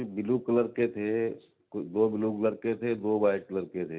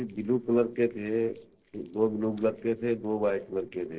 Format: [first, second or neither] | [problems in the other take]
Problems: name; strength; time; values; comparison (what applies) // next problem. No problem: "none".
first | noise reduction (neural separator model SepFormer DNS4)